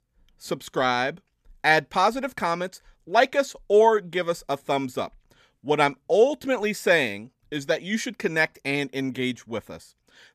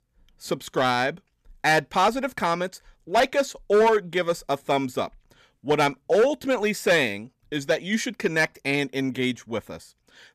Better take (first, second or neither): first